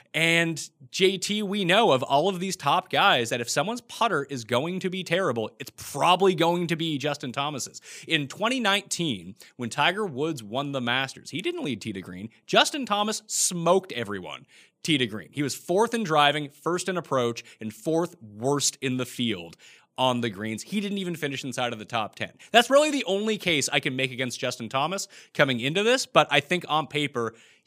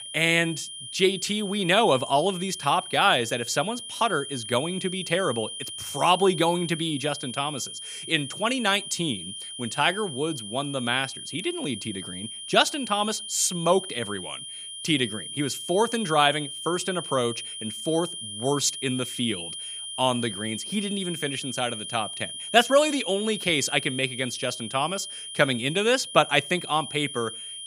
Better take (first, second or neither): first